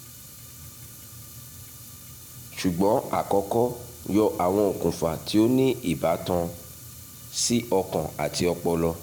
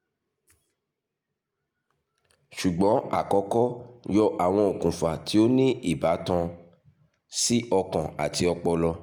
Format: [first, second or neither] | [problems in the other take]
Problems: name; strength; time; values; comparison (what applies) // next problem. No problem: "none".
second | background sound (Fire); 17 dB below the speech